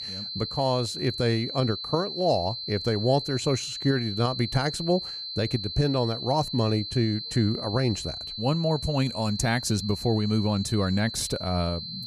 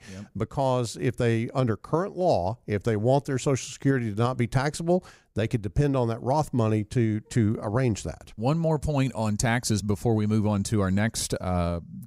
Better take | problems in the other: second | high-pitched whine; loud; throughout; 4 kHz, 6 dB below the speech

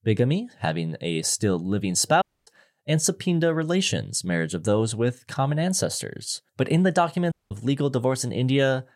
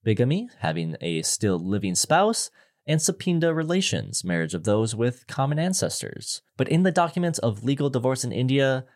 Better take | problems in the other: second | audio cutting out; at 2 s and at 7.5 s

